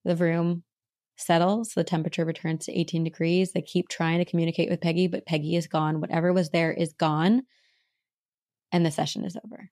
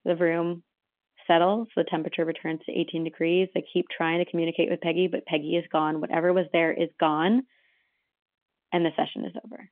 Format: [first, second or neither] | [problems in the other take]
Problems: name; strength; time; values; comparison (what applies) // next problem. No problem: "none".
first | phone-call audio; nothing above 3.5 kHz